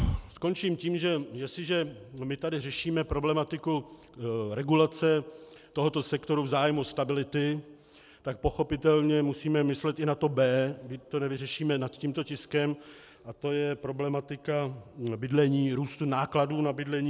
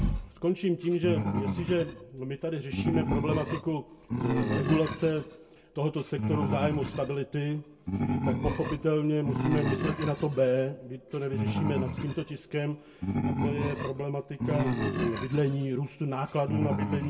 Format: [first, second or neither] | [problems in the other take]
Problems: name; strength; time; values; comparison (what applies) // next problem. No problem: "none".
first | background sound (Animal); 2 dB below the speech // room echo; dies away in 0.1 s